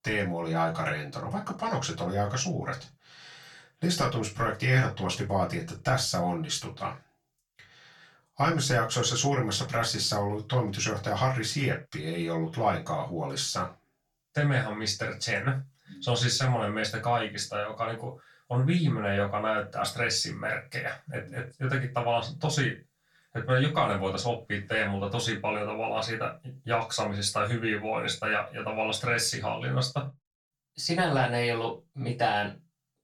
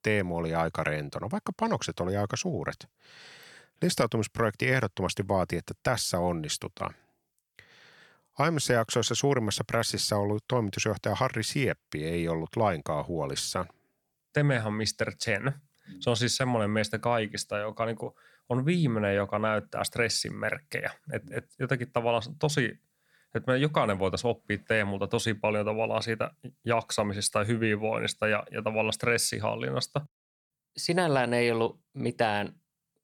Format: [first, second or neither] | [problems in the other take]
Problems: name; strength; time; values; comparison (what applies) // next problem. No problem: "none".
second | room echo; very slight; dies away in 0.2 s // off-mic speech; far